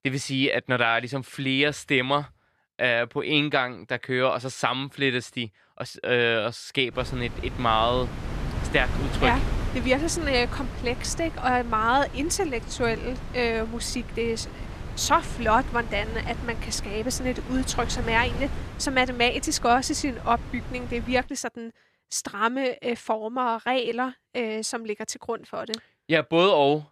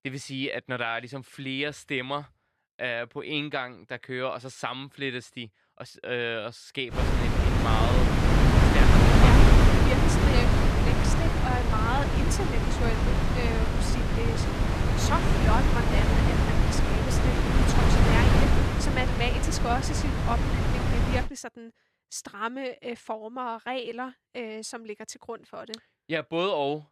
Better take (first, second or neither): first